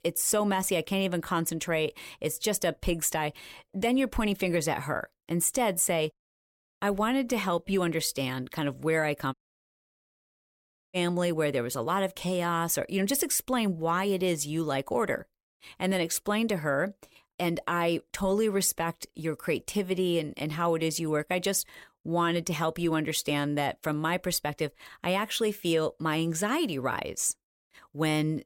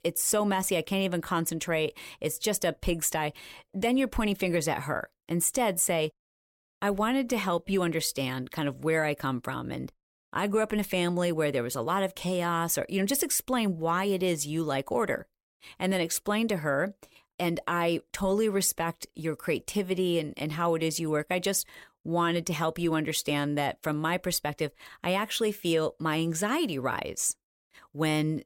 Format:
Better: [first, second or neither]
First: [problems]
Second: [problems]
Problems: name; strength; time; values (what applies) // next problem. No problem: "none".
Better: second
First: audio cutting out; at 9.5 s for 1.5 s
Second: none